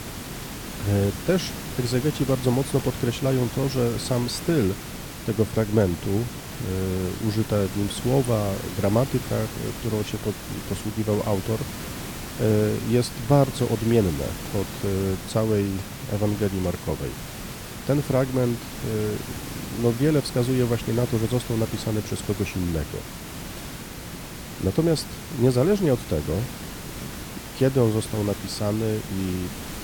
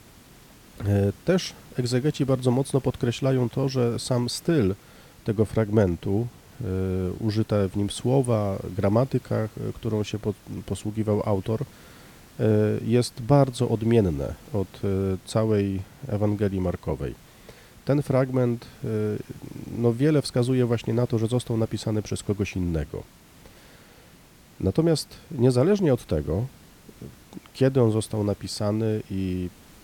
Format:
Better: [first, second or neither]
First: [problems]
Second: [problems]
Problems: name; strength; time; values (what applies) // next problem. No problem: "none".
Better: second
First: hiss; loud; throughout; 9 dB below the speech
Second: hiss; faint; throughout; 25 dB below the speech